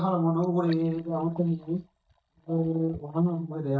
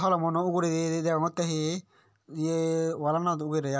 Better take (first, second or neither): second